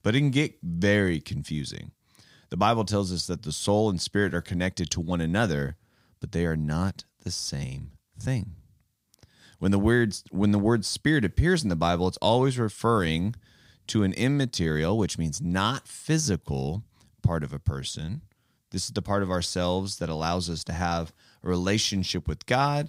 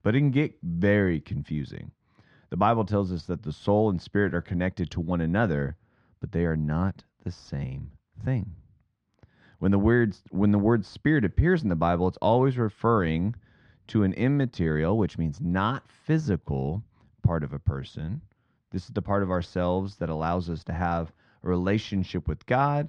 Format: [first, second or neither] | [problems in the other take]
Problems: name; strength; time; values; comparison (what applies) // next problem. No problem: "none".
first | muffled; very; fading above 2 kHz